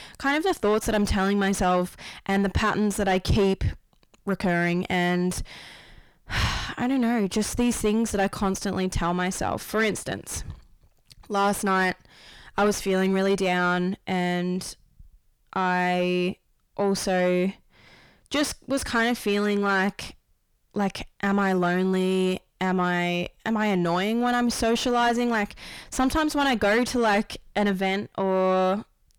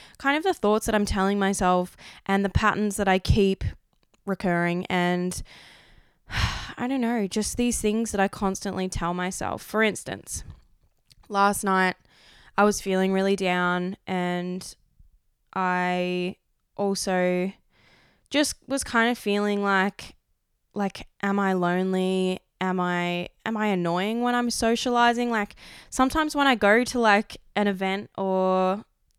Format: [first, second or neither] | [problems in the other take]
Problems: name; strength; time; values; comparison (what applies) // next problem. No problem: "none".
second | distortion; heavy; 6 dB below the speech